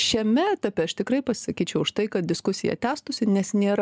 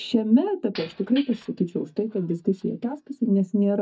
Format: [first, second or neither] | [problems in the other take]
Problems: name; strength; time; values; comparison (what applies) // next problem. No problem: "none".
first | noise reduction (neural mask model DeepFilterNet 3)